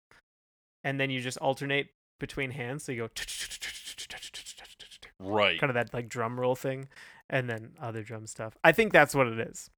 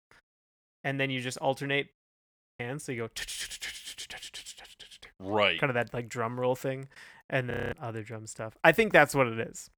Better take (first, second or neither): first